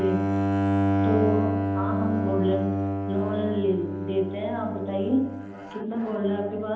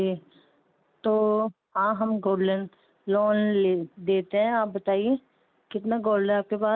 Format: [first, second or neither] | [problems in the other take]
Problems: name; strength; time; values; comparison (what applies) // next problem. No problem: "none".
second | background sound (Bowed string instrument); 1 dB above the speech // room echo; dies away in 0.9 s